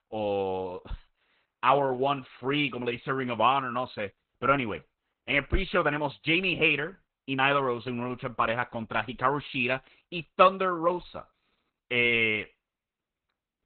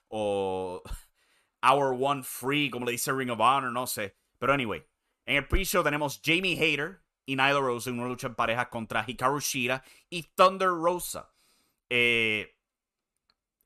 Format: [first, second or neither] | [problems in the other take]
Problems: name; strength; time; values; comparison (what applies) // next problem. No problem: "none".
second | garbled, watery; badly